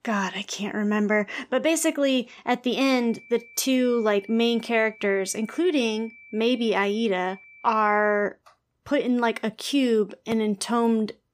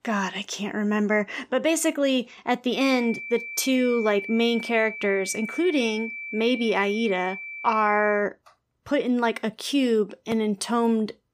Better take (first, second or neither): first